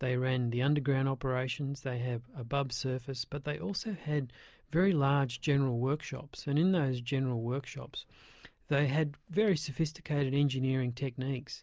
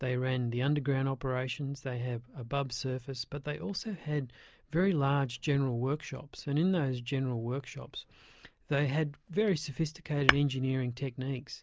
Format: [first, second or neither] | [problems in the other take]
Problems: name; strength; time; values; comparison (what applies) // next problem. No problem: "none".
first | background sound (Tap / Hammer); 1 dB below the speech